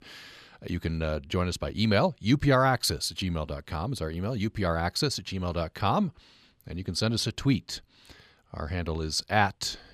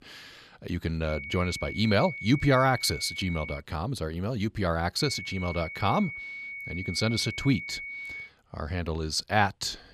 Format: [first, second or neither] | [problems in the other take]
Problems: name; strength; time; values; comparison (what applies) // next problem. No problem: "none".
first | high-pitched whine; loud; from 1 to 3.5 s and from 5 to 8.5 s; 2 kHz, 9 dB below the speech